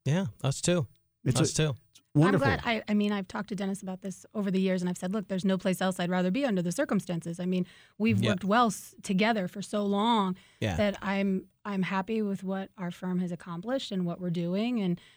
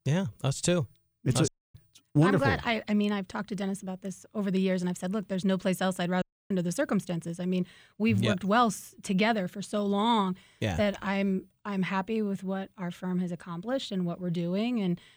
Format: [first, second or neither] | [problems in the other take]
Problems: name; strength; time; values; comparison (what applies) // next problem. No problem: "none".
first | audio cutting out; at 1.5 s and at 6 s